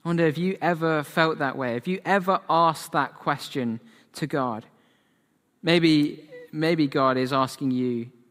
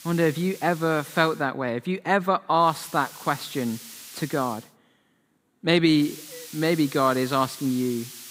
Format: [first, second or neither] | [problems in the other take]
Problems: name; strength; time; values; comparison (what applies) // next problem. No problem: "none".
first | hiss; noticeable; until 1.5 s, from 2.5 to 4.5 s and from 6 s on; 15 dB below the speech